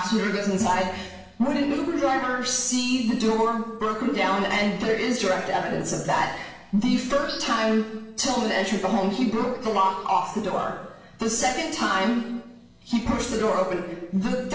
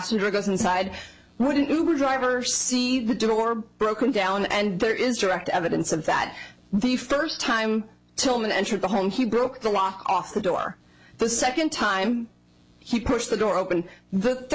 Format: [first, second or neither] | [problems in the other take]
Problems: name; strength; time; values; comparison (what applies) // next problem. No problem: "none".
second | room echo; dies away in 1 s